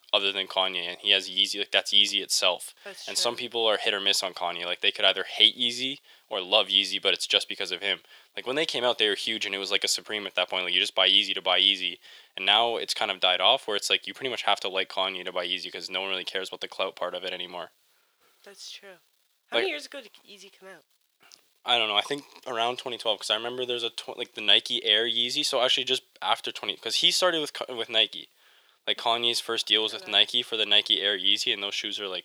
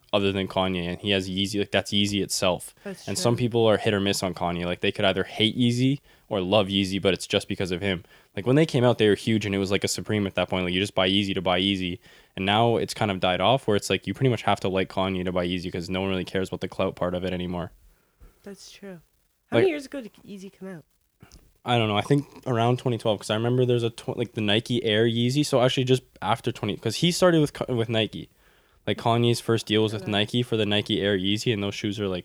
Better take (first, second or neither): second